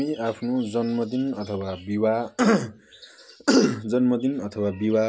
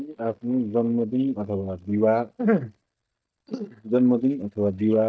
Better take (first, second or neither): first